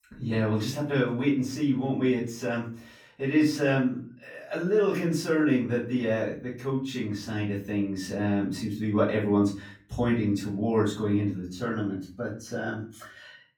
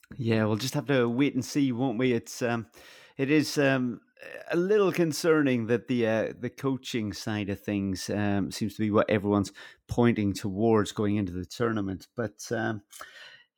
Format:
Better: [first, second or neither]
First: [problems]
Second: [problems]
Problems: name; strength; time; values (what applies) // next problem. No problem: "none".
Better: second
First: off-mic speech; far // room echo; slight; dies away in 0.4 s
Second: none